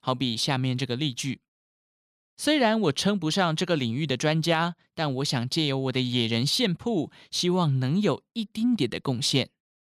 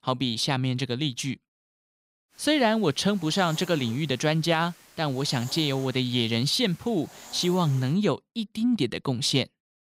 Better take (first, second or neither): first